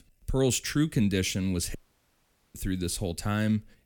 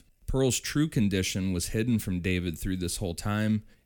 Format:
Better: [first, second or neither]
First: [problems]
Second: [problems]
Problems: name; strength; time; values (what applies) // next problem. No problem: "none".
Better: second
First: audio cutting out; at 2 s for 1 s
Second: none